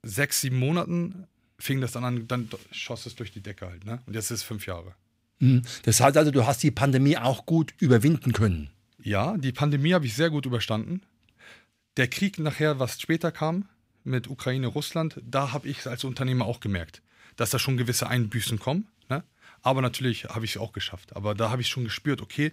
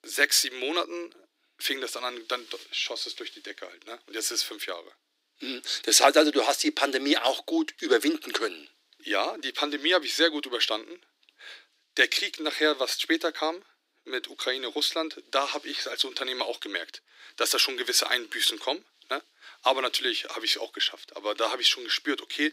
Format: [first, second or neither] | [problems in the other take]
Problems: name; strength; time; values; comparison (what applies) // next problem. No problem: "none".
first | thin; very; fading below 300 Hz